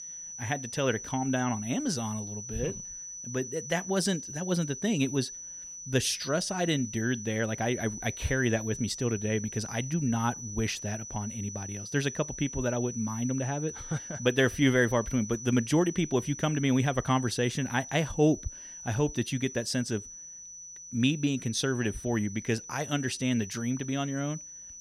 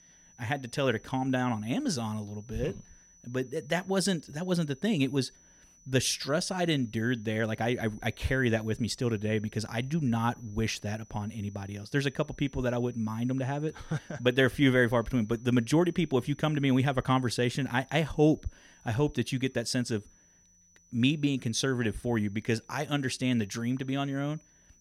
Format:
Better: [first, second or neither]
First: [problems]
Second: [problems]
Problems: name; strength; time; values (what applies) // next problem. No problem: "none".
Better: second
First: high-pitched whine; loud; throughout; 6 kHz, 10 dB below the speech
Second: high-pitched whine; faint; throughout; 6 kHz, 30 dB below the speech